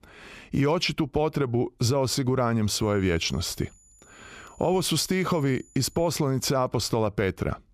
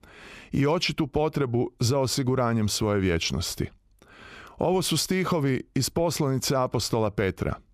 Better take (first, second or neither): second